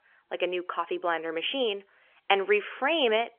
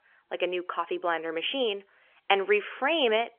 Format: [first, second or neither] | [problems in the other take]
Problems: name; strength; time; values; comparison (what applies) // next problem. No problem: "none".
neither | phone-call audio; nothing above 3.5 kHz; the same in both